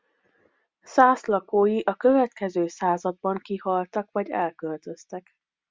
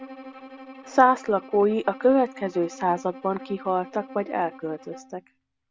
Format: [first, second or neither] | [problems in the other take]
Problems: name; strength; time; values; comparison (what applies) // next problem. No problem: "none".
first | background sound (Bowed string instrument); 18 dB below the speech